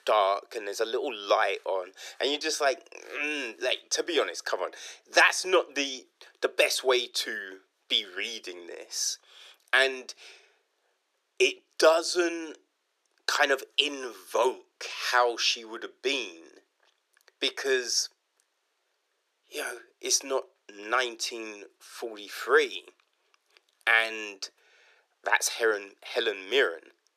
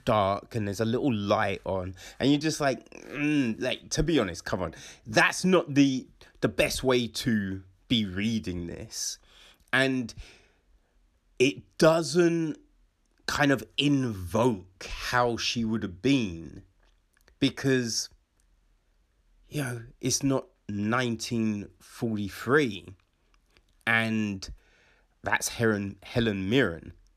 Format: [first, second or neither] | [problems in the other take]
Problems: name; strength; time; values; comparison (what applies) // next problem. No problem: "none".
second | thin; very; fading below 400 Hz